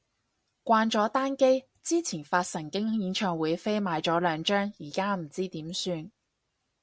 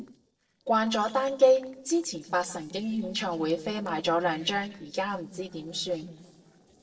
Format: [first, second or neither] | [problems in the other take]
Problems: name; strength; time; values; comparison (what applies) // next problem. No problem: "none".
first | noise reduction (neural separator model SepFormer DNS4)